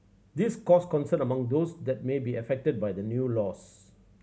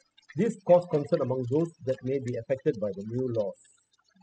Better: first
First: none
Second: noise reduction (classical method spectral subtraction)

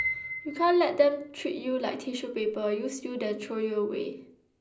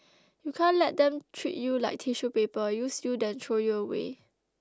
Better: second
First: background sound (Piano); 13 dB below the speech // room echo; dies away in 0.5 s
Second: none

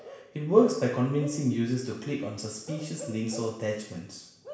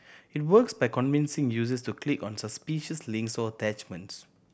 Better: second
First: background sound (Bark / Livestock, farm animals, working animals); 18 dB below the speech // room echo; dies away in 0.7 s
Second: none

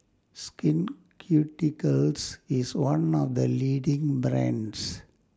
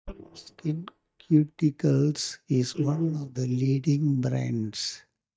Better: first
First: none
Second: noise reduction (neural mask model DeepFilterNet 3)

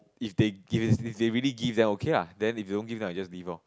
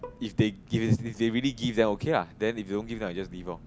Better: first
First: none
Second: background sound (Bowed string instrument + Engine); 19 dB below the speech

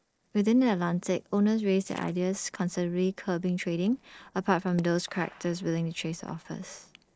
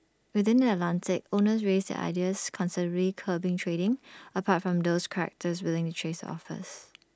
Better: second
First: noise reduction (neural separator model SepFormer DNS4)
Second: none

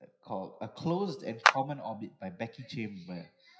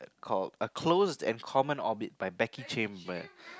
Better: second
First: noise reduction (classical method WPE with log-MMSE)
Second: none

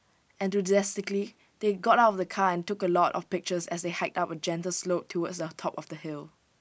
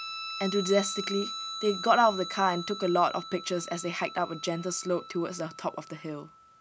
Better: first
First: none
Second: background sound (Guitar); 10 dB below the speech

